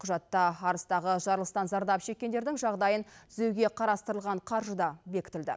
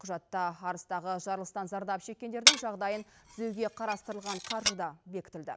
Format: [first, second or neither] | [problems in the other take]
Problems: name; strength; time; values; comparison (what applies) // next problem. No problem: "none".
first | background sound (Glass); 5 dB above the speech